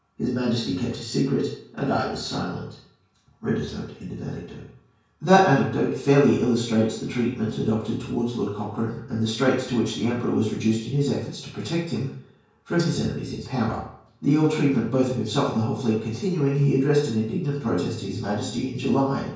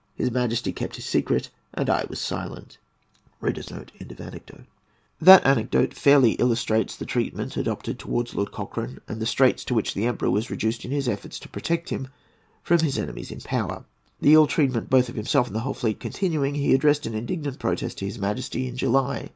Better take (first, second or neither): second